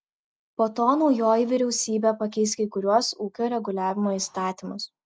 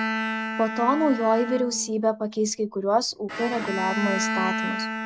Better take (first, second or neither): first